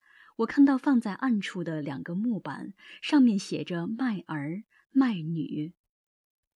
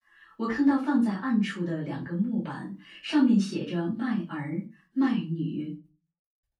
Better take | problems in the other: first | off-mic speech; far // room echo; slight; dies away in 0.3 s

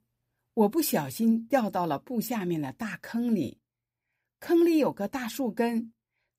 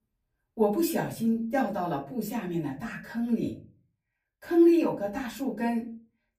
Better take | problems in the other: first | off-mic speech; far // room echo; very slight; dies away in 0.4 s

